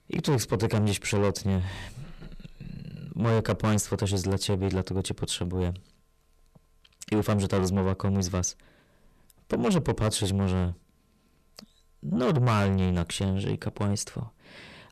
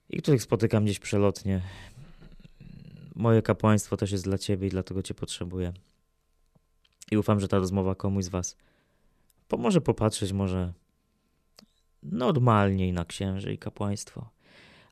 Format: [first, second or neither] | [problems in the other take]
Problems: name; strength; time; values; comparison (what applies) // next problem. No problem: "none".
second | distortion; heavy; 7 dB below the speech